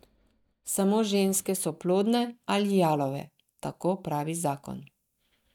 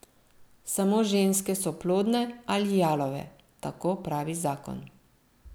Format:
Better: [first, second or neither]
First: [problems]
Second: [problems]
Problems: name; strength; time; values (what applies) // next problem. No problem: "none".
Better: second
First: noise reduction (neural mask model DeepFilterNet 3)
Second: none